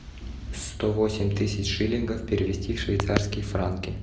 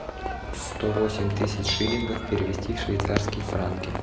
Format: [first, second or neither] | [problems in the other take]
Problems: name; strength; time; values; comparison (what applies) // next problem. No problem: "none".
first | background sound (Livestock, farm animals, working animals); 6 dB below the speech